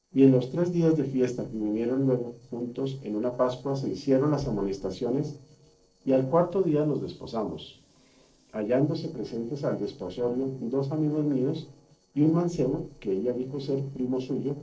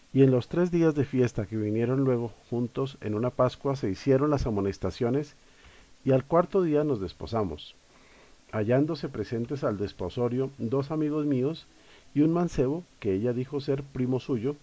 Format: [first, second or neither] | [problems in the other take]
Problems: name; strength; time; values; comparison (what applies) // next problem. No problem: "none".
second | noise reduction (neural separator model SepFormer DNS4)